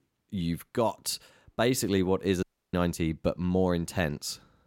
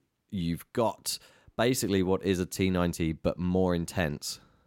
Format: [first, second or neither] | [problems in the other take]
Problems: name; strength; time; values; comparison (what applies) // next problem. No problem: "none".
second | audio cutting out; at 2.5 s